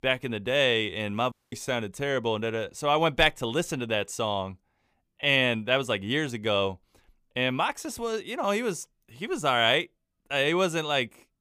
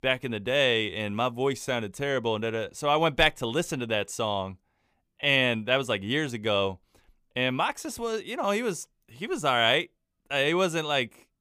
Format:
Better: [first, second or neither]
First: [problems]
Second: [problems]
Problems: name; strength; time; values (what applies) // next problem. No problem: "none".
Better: second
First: audio cutting out; at 1.5 s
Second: none